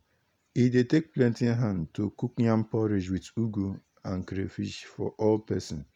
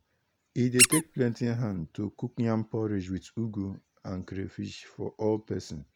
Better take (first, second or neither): first